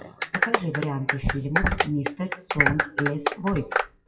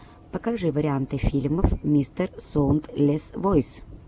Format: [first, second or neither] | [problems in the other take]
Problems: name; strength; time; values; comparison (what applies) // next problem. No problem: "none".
second | noise reduction (classical method WPE with log-MMSE)